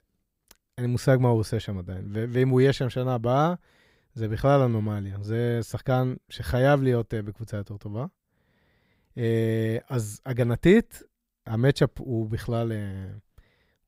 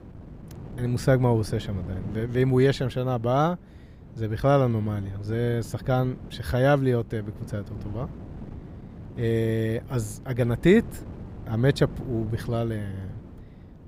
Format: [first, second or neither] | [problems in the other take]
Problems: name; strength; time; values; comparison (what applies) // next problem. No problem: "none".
first | wind noise on the microphone; occasional gusts; 20 dB below the speech